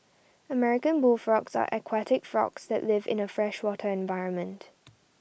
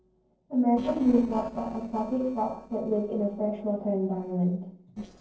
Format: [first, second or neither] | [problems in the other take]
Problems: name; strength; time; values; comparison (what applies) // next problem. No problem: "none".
first | noise reduction (neural separator model SepFormer DNS4)